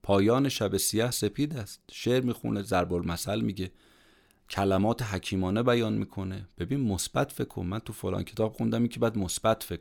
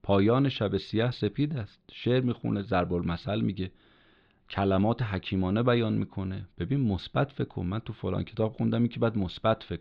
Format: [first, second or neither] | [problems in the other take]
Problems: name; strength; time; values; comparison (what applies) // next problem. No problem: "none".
first | muffled; slightly; fading above 3.5 kHz